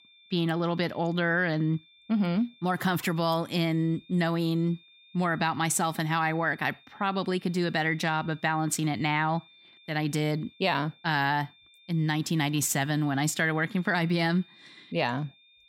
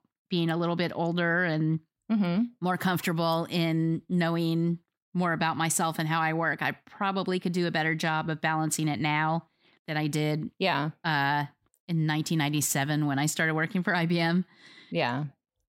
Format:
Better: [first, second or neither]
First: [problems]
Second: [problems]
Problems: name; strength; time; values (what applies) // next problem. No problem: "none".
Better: second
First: high-pitched whine; faint; throughout; 3.5 kHz, 25 dB below the speech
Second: none